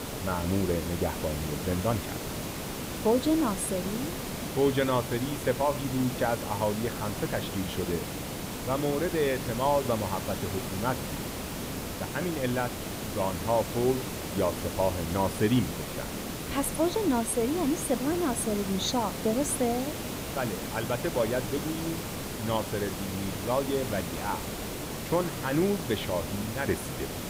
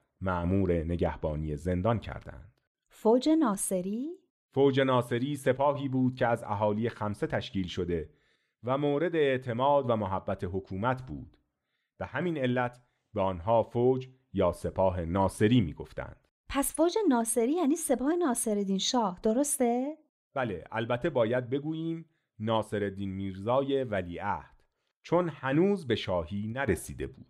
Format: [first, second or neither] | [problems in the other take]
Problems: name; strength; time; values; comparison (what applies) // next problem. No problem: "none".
second | hiss; loud; throughout; 5 dB below the speech